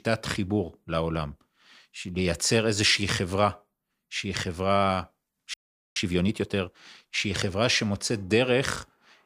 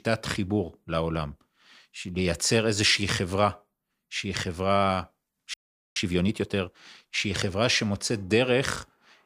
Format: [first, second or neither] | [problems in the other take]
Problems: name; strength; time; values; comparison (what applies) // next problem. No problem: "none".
neither | audio freezing; at 5.5 s; the same in both